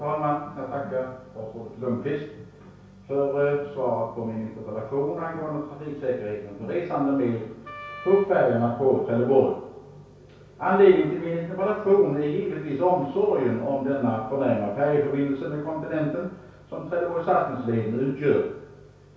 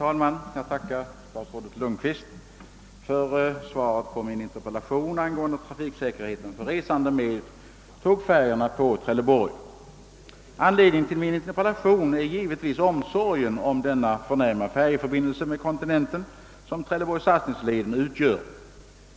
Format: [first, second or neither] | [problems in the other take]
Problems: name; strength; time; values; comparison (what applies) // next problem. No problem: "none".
second | background sound (Wind instrument, woodwind instrument); 16 dB below the speech // room echo; dies away in 0.6 s